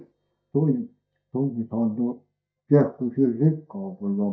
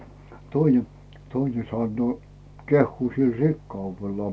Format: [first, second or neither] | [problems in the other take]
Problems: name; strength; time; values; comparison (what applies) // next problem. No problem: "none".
second | noise reduction (neural mask model DeepFilterNet 3)